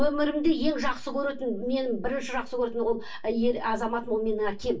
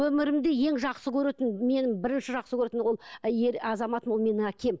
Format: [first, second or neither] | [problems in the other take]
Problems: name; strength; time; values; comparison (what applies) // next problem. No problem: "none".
second | room echo; dies away in 0.2 s